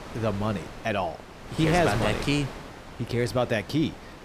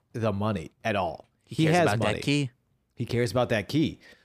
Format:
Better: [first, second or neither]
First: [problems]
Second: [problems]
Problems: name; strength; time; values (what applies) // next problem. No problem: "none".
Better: second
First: wind noise on the microphone; heavy; 10 dB below the speech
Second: none